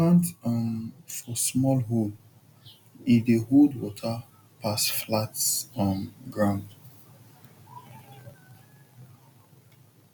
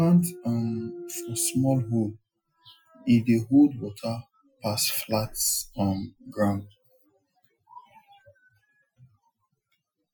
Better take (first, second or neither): first